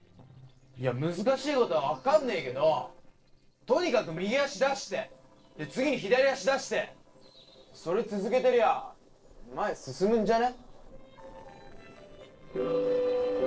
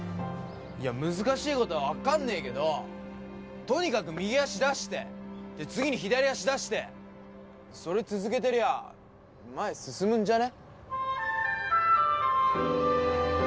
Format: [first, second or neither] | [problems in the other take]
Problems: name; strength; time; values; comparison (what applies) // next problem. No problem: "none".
second | noise reduction (neural separator model SepFormer DNS4)